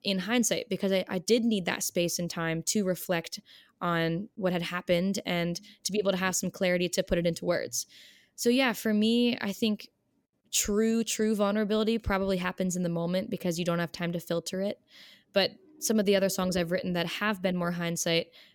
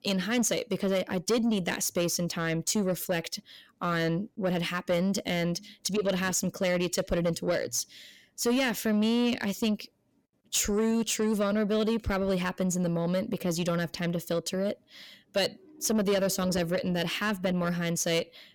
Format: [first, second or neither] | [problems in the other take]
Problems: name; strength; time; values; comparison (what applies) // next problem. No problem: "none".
first | distortion; slight; 10 dB below the speech